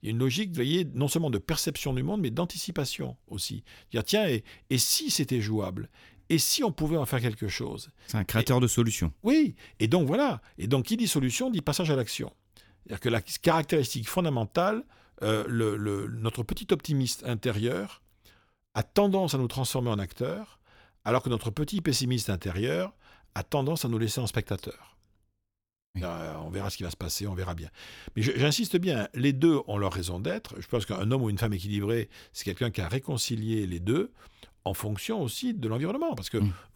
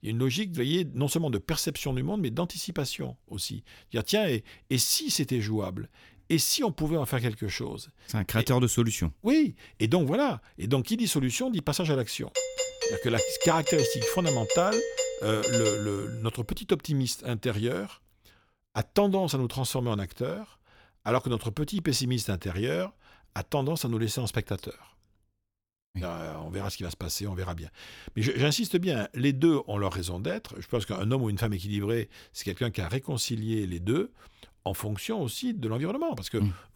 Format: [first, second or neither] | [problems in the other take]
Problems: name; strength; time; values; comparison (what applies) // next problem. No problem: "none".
first | doorbell; loud; from 12 to 16 s; peak 2 dB above the speech